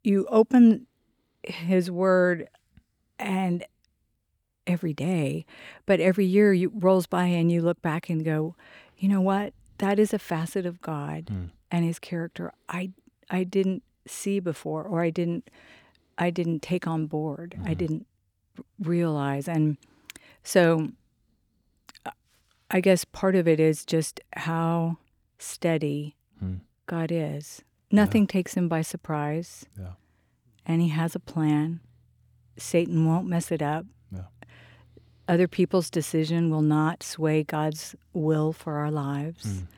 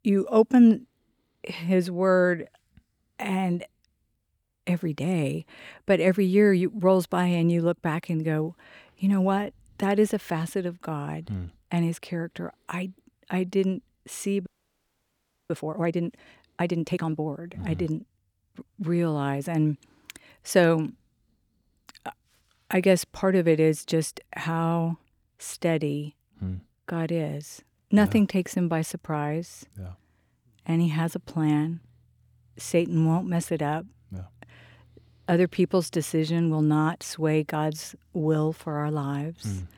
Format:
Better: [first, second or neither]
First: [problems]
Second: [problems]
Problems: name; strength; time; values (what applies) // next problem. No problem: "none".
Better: first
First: none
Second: audio freezing; at 14 s for 1 s